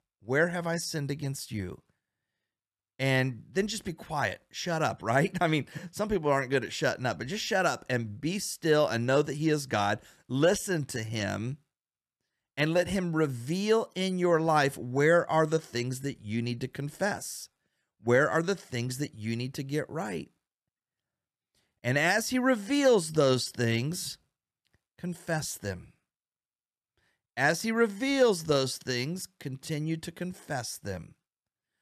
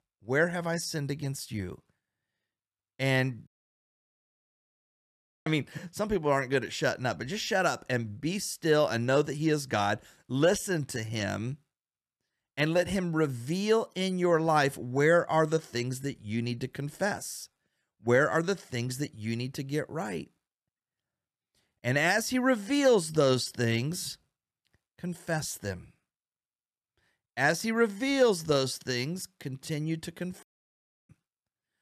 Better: first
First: none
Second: audio cutting out; at 3.5 s for 2 s and at 30 s for 0.5 s

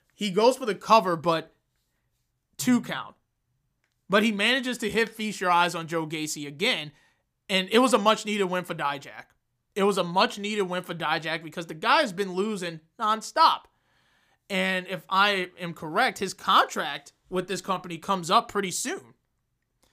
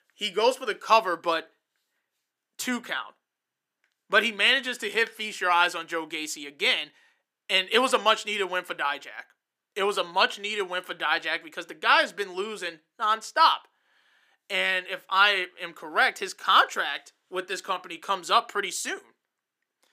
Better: first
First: none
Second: thin; somewhat; fading below 300 Hz

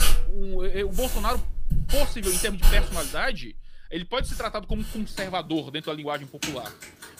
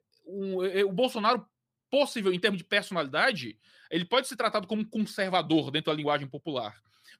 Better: second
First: household noises; loud; throughout; as loud as the speech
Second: none

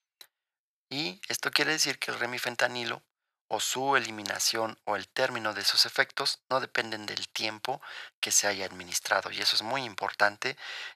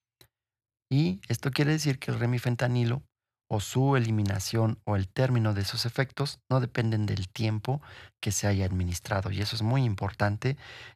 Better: second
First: thin; very; fading below 650 Hz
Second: none

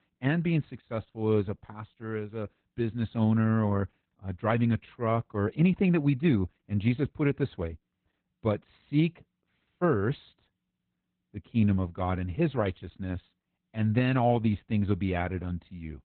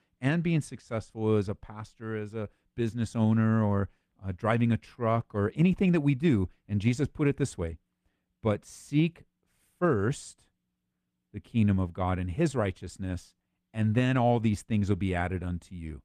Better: second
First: garbled, watery; badly; nothing above 4 kHz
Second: garbled, watery; slightly; nothing above 14.5 kHz

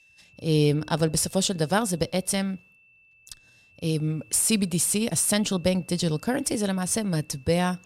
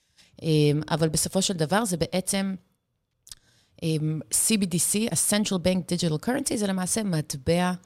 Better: second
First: high-pitched whine; faint; throughout; 2.5 kHz, 30 dB below the speech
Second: none

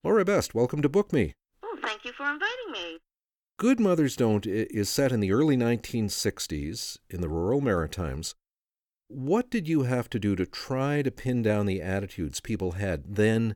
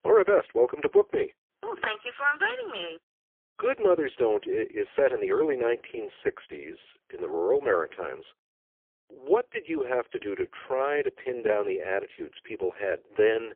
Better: first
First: none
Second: phone-call audio; poor line; nothing above 3.5 kHz

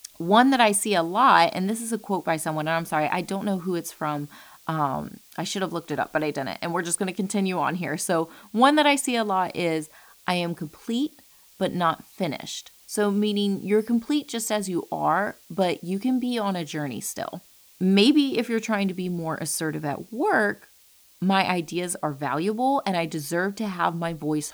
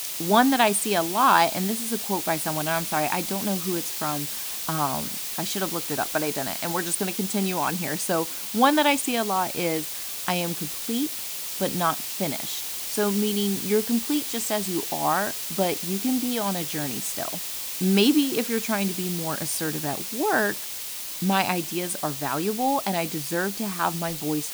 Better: first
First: hiss; faint; throughout; 25 dB below the speech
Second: hiss; loud; throughout; 3 dB below the speech

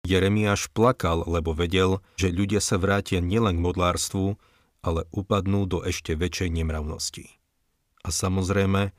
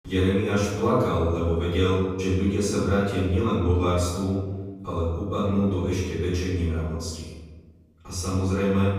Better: first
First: none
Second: off-mic speech; far // room echo; strong; dies away in 1.3 s

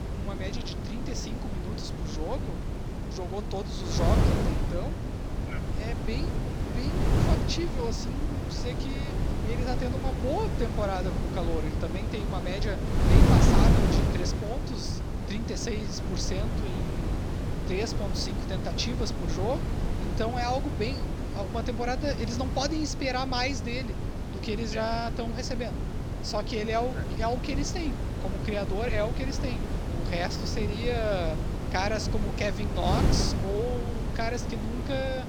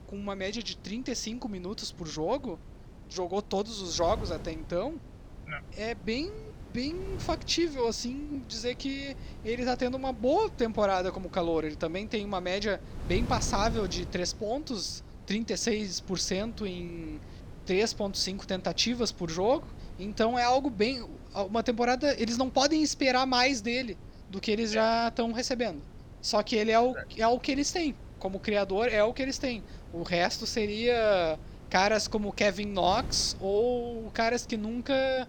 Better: second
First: wind noise on the microphone; heavy; 3 dB below the speech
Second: wind noise on the microphone; occasional gusts; 25 dB below the speech

